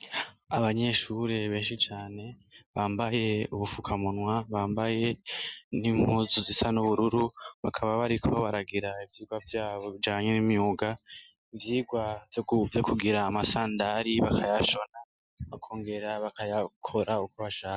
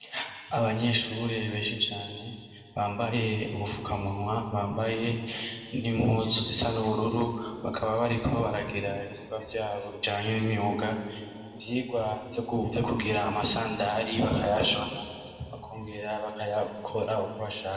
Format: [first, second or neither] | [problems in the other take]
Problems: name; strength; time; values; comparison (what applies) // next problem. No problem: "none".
first | room echo; dies away in 2.3 s